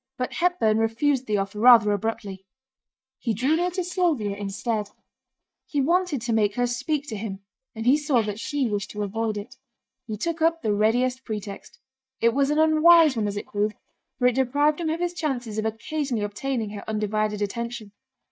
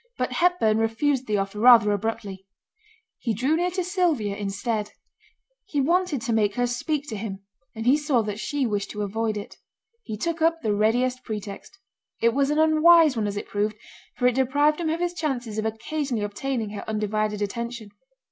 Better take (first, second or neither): second